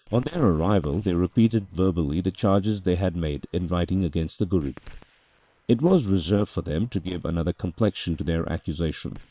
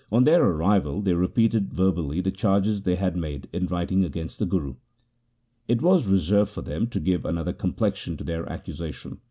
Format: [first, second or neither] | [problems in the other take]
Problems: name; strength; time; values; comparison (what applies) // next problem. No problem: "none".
second | noise reduction (neural separator model SepFormer WHAM!)